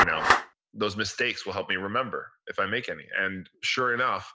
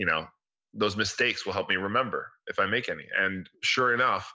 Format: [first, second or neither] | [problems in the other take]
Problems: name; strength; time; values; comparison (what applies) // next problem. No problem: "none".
second | background sound (Clapping); 2 dB below the speech